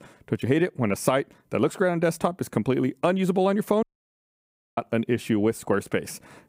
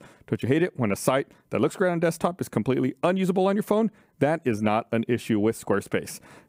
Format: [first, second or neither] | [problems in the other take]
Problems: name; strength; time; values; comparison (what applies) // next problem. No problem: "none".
second | audio cutting out; at 4 s for 1 s